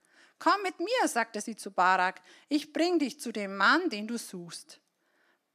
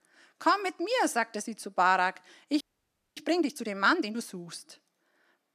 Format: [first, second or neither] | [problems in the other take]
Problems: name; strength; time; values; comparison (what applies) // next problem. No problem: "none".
first | audio freezing; at 2.5 s for 0.5 s